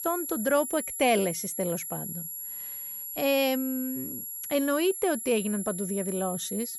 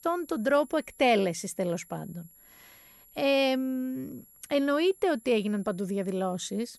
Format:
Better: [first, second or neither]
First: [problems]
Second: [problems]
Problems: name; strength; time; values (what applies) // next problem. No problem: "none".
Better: second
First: high-pitched whine; loud; throughout; 11 kHz, 5 dB below the speech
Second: high-pitched whine; faint; throughout; 11 kHz, 25 dB below the speech